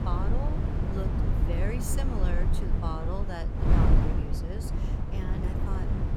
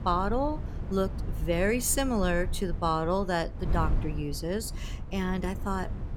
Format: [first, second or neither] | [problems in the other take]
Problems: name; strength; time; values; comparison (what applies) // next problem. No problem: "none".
second | wind noise on the microphone; heavy; 1 dB above the speech; occasional gusts in the second